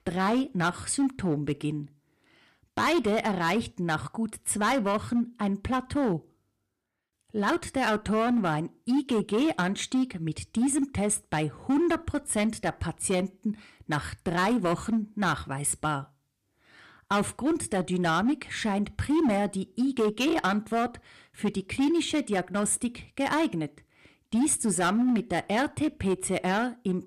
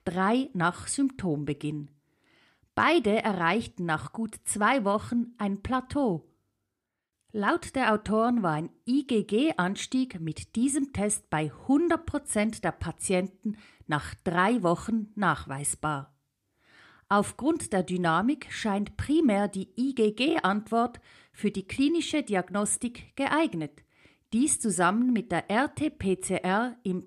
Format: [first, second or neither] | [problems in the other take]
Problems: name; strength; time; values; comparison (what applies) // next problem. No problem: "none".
second | distortion; slight; 8% of the sound clipped